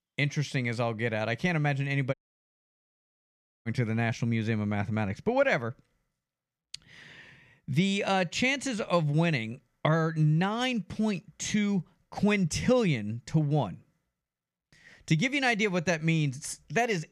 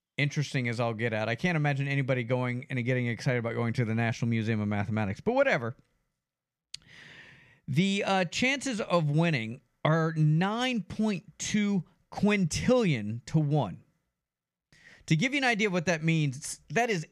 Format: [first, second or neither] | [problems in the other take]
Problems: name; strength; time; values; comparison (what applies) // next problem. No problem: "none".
second | audio cutting out; at 2 s for 1.5 s